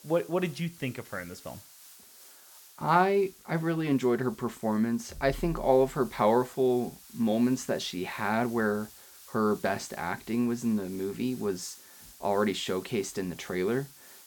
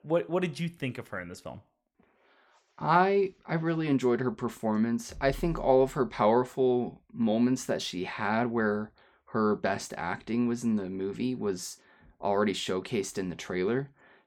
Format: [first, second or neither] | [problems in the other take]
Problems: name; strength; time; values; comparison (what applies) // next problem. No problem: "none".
second | hiss; faint; throughout; 20 dB below the speech